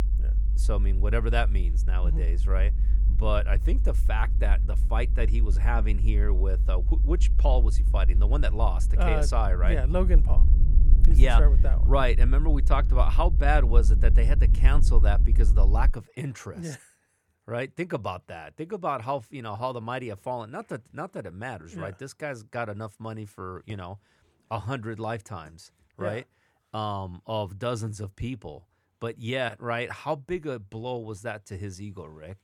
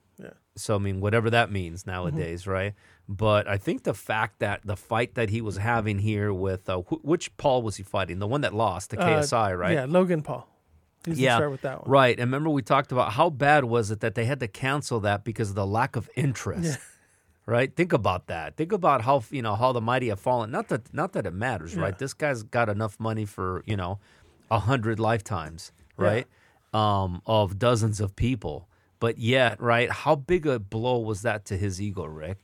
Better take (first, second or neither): second